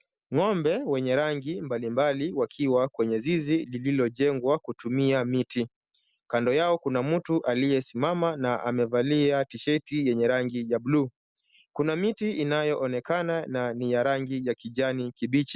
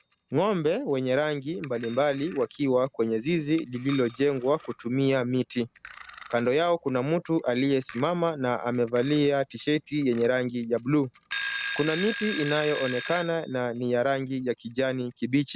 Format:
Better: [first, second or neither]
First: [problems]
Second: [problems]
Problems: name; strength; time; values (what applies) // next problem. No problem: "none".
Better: first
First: none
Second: background sound (Alarm / Clock); 15 dB below the speech